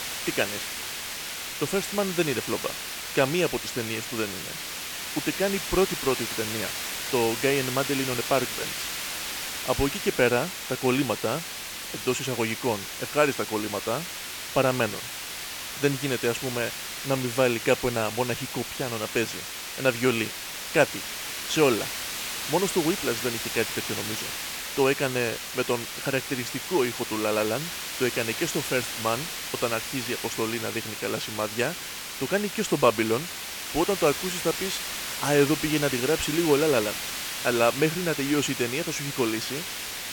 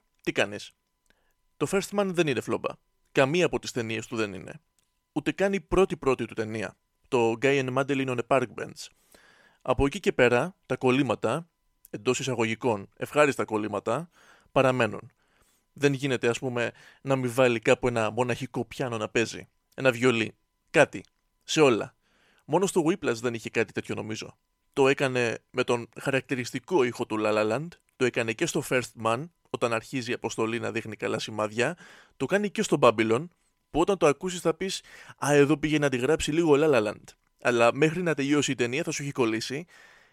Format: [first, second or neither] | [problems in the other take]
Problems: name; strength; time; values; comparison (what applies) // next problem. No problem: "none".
second | hiss; loud; throughout; 4 dB below the speech